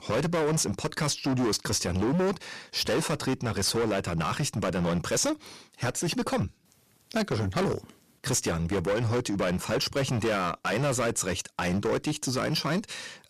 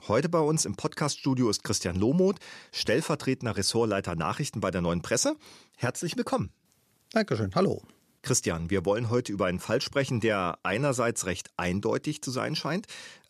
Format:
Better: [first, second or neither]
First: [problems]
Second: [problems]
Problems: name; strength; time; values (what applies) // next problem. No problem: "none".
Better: second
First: distortion; heavy; 19% of the sound clipped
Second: none